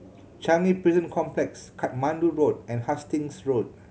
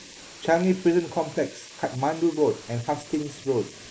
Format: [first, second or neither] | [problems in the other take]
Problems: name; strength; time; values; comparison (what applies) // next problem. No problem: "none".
first | noise reduction (neural mask model Resemble Enhance denoiser)